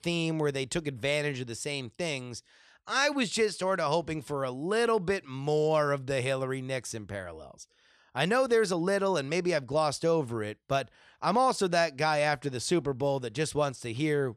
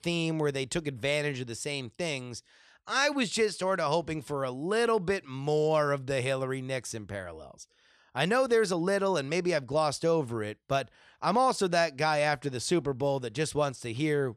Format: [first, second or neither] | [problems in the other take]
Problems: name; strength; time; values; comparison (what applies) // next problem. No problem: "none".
neither | none